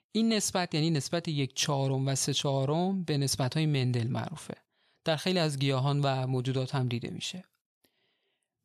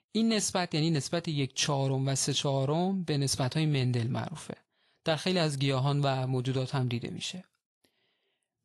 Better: first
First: none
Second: garbled, watery; slightly; nothing above 11 kHz

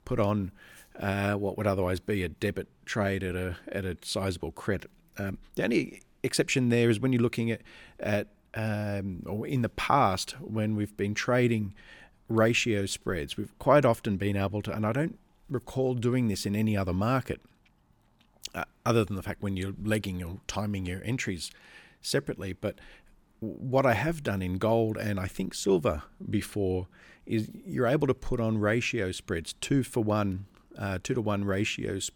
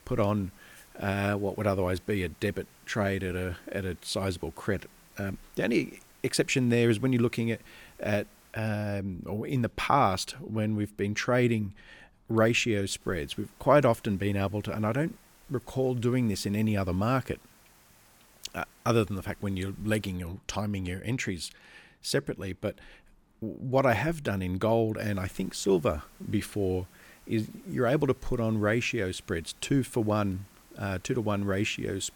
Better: first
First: none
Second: hiss; faint; until 8.5 s, from 13 to 20 s and from 25 s on; 30 dB below the speech

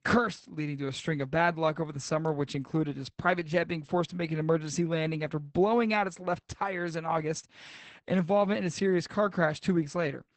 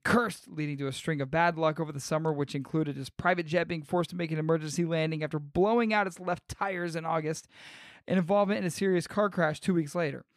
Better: second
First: garbled, watery; badly; nothing above 8 kHz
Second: none

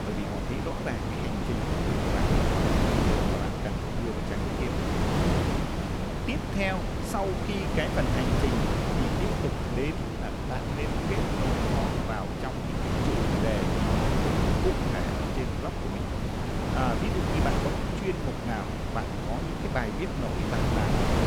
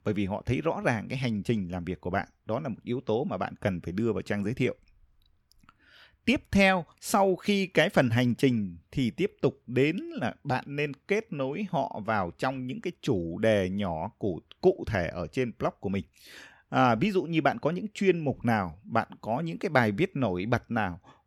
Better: second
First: wind noise on the microphone; heavy; 4 dB above the speech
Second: none

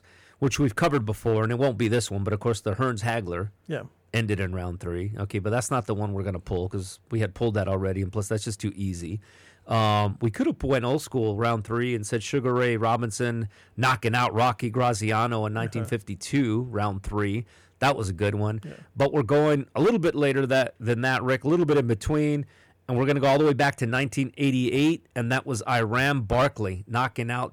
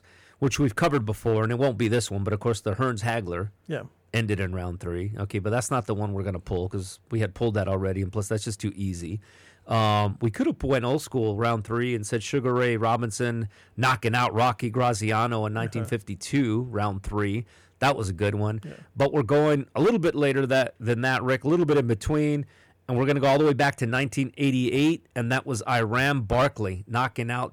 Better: neither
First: distortion; slight; 4% of the sound clipped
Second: distortion; slight; 4% of the sound clipped

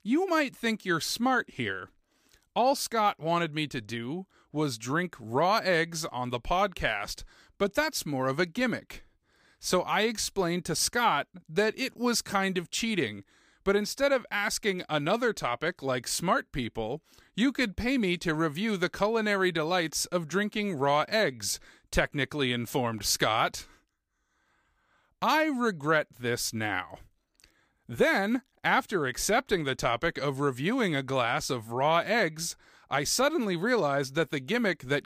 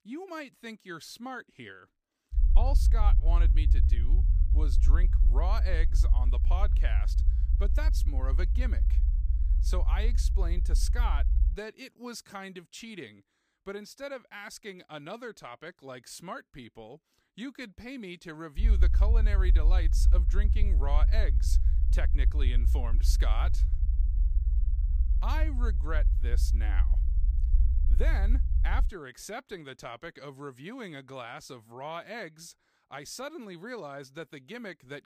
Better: first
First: none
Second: low rumble; loud; from 2.5 to 12 s and from 19 to 29 s; 9 dB below the speech

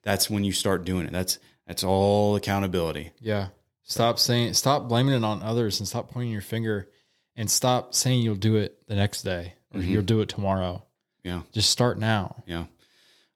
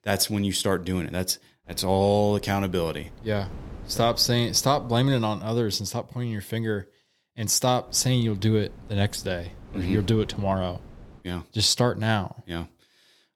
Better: first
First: none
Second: wind noise on the microphone; occasional gusts; from 1.5 to 5 s and from 8 to 11 s; 25 dB below the speech

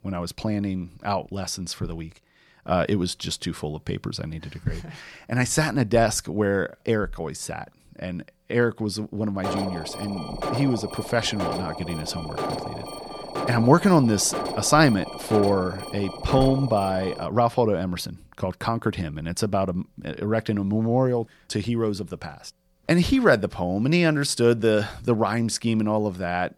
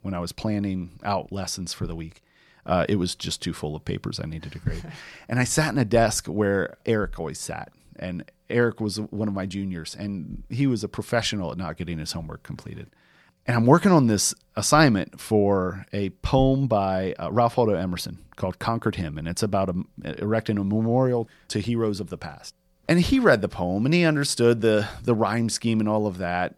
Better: second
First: alarm; noticeable; from 9.5 to 17 s; peak 5 dB below the speech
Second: none

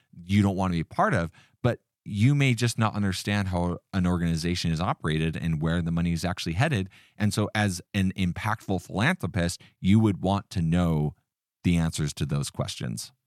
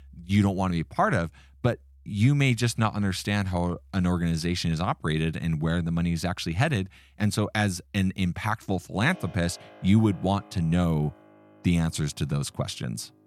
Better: first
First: none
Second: background music; faint; throughout; 30 dB below the speech

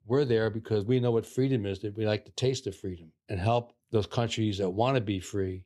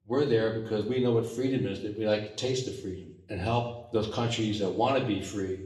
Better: first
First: none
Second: room echo; slight; dies away in 0.7 s // off-mic speech; somewhat distant

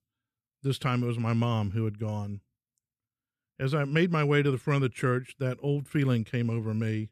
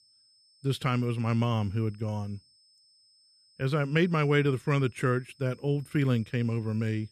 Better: first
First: none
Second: high-pitched whine; faint; throughout; 5.5 kHz, 30 dB below the speech

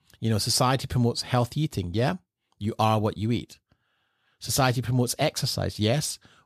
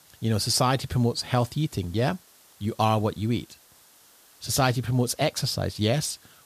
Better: first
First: none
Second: hiss; faint; throughout; 25 dB below the speech

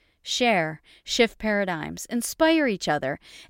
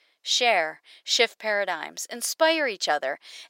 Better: first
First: none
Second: thin; very; fading below 650 Hz

